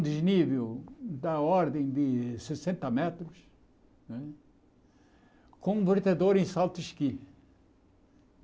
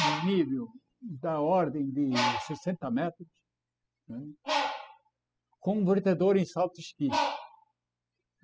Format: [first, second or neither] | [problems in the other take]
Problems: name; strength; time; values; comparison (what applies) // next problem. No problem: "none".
first | noise reduction (classical method spectral subtraction)